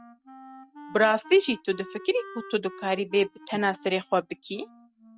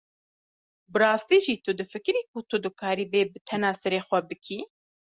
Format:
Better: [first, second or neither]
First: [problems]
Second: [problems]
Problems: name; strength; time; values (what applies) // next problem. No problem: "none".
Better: second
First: noise reduction (neural mask model RNNoise)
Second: none